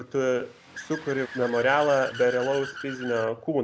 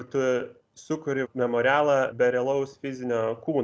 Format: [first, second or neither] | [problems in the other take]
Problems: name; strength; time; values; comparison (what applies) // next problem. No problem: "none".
second | background sound (Accelerating, revving, vroom / Car); 14 dB below the speech